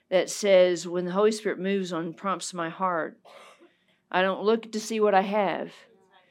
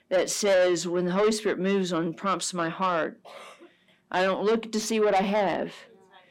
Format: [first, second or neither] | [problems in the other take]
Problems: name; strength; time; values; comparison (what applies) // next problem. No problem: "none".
first | distortion; heavy; 8 dB below the speech